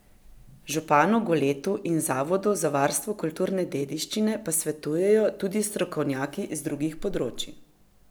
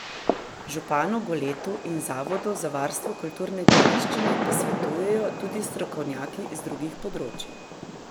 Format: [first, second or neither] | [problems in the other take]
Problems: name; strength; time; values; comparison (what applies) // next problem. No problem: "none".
first | background sound (Fireworks); 2 dB above the speech